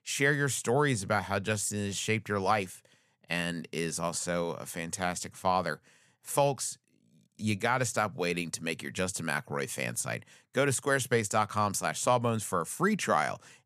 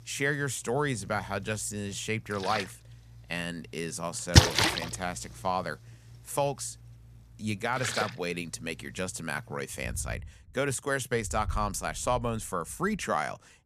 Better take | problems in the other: first | rain or running water; very loud; throughout; 4 dB above the speech

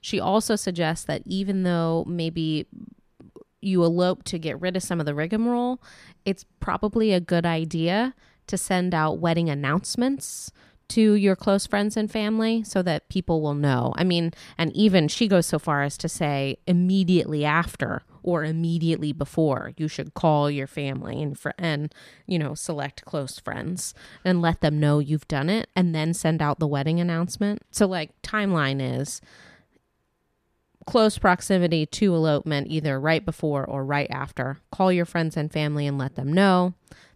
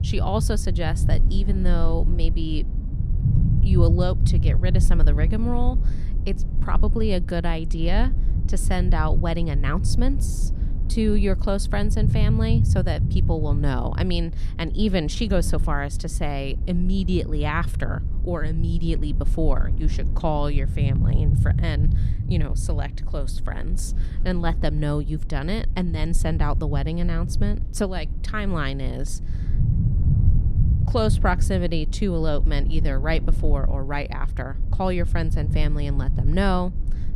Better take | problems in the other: first | low rumble; noticeable; throughout; 10 dB below the speech

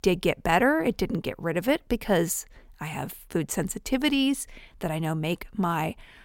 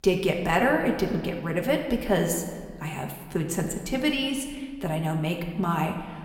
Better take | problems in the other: first | room echo; slight; dies away in 1.4 s // off-mic speech; somewhat distant

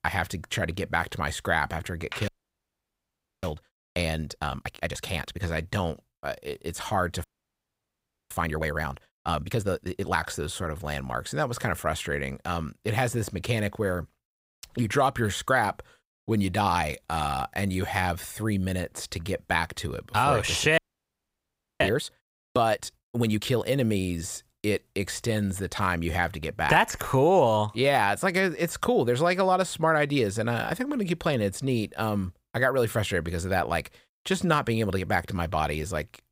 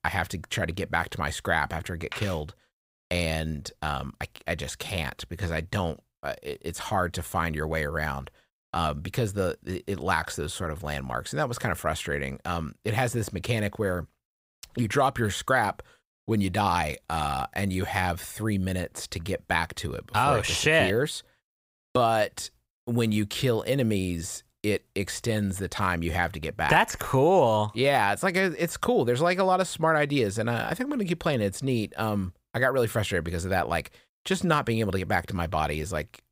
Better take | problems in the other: second | audio freezing; at 2.5 s for 1 s, at 7 s for 1 s and at 21 s for 1 s

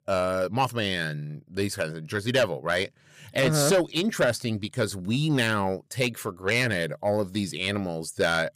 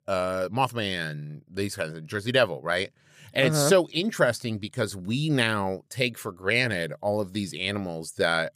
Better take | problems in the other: second | distortion; slight; 10 dB below the speech

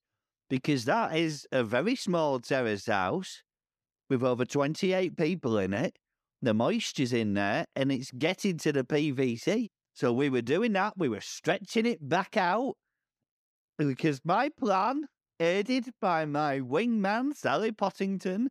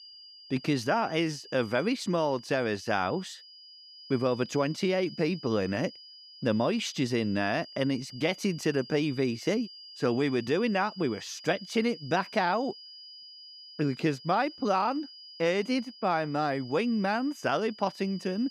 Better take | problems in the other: first | high-pitched whine; noticeable; throughout; 5 kHz, 15 dB below the speech

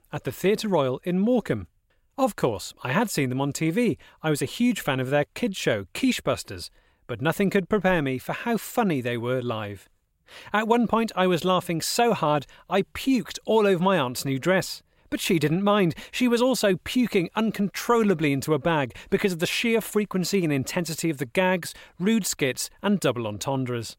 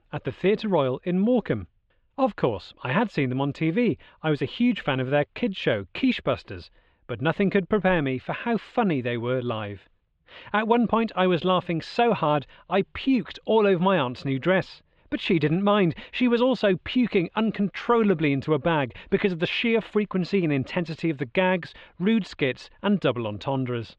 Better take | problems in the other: first | muffled; slightly; fading above 3.5 kHz

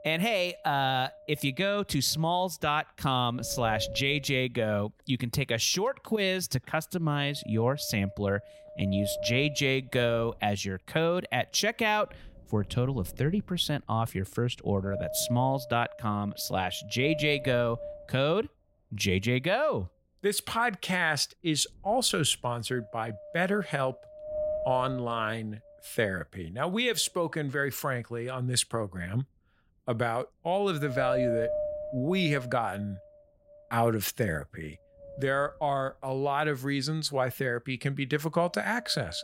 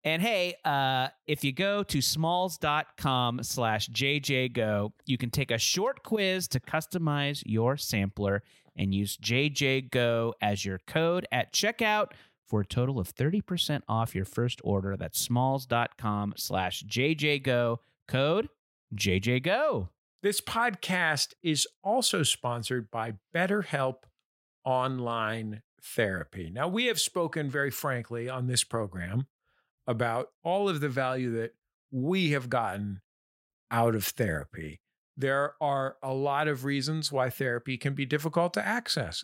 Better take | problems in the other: second | wind noise on the microphone; heavy; 8 dB below the speech

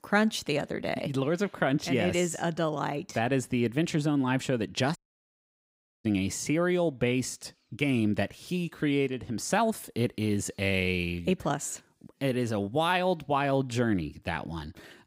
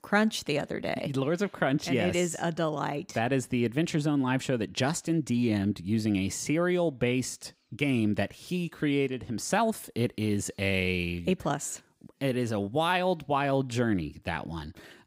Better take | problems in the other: second | audio cutting out; at 5 s for 1 s

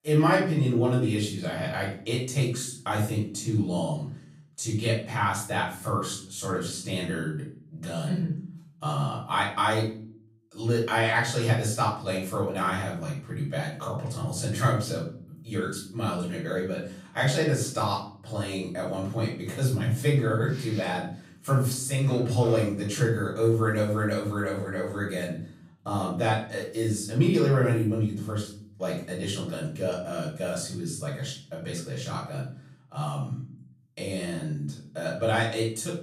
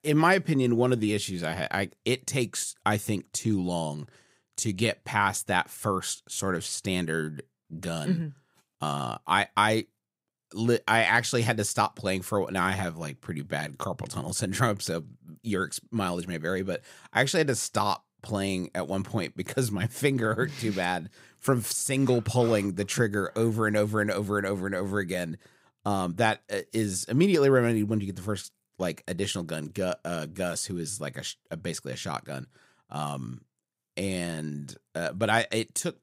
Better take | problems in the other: second | off-mic speech; far // room echo; noticeable; dies away in 0.5 s

